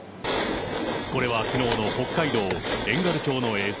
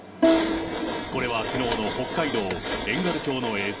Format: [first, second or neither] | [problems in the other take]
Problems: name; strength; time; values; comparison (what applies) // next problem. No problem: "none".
first | background sound (Bowed string instrument); as loud as the speech // room echo; dies away in 0.5 s